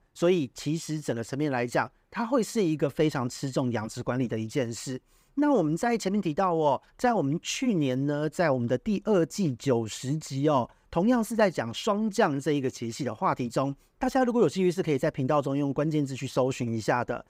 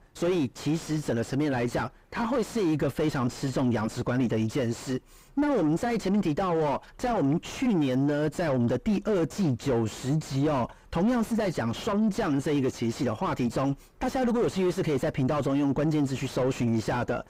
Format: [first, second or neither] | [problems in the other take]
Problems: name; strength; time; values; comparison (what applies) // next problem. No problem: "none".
first | distortion; heavy; 5 dB below the speech